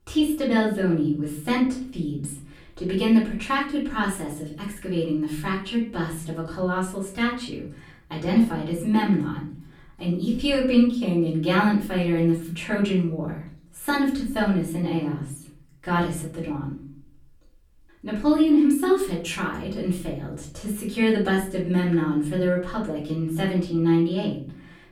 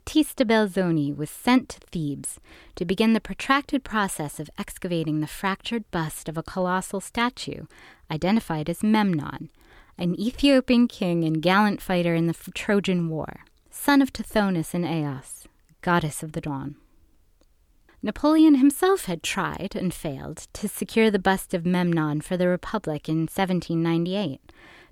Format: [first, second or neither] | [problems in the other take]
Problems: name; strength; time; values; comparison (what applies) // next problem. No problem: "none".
second | off-mic speech; far // room echo; slight; dies away in 0.5 s